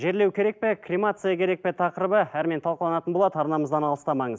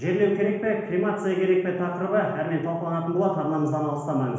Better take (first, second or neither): first